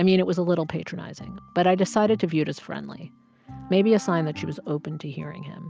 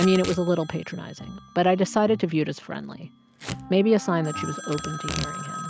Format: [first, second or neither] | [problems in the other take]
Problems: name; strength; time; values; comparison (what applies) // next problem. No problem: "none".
first | background sound (Telephone + Packing tape, duct tape / Tearing); 12 dB below the speech